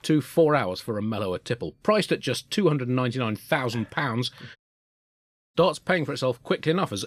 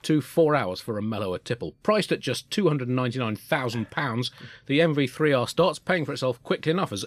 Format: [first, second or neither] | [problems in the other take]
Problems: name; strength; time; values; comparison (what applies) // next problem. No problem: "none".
second | audio cutting out; at 4.5 s for 1 s